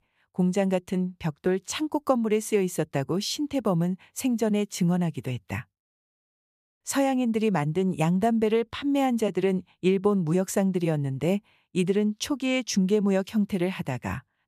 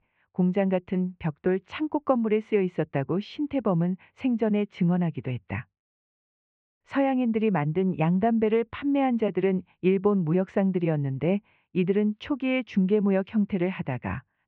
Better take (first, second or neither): first